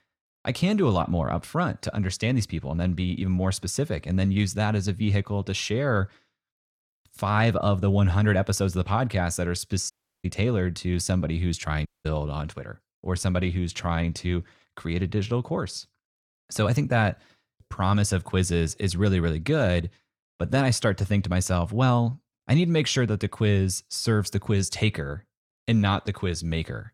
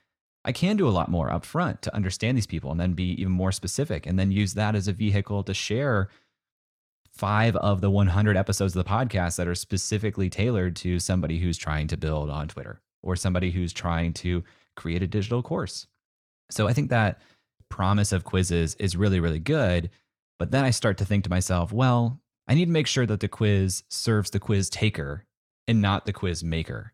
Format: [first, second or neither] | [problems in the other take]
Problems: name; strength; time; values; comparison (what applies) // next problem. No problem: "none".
second | audio cutting out; at 10 s and at 12 s